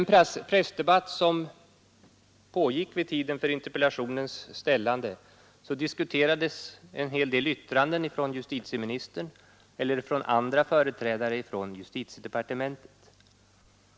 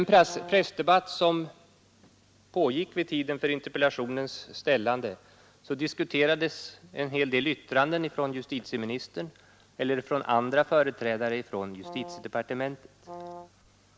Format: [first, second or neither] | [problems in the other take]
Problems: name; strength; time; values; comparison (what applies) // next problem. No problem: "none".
first | background sound (Brass instrument); 16 dB below the speech